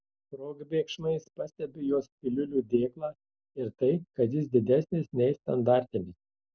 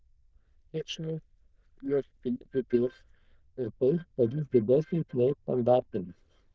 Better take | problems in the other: first | noise reduction (neural diffusion model UNIVERSE++)

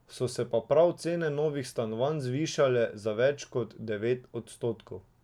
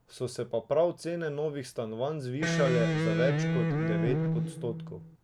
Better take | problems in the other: first | background sound (Electric guitar); 3 dB above the speech

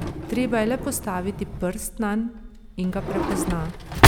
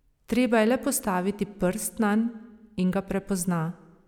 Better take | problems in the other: second | background sound (Drawer open or close); 3 dB above the speech

